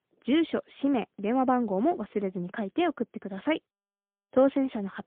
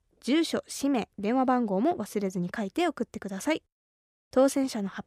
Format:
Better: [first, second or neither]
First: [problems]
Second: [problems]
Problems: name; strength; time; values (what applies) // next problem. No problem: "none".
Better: second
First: phone-call audio; poor line; nothing above 3 kHz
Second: none